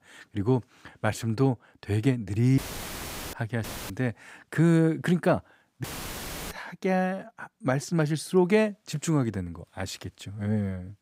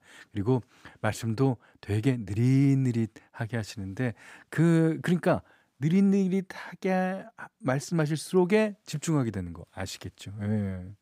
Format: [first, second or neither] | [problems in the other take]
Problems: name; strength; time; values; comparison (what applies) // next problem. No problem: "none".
second | audio cutting out; filled with static; at 2.5 s for 1 s, at 3.5 s and at 6 s for 0.5 s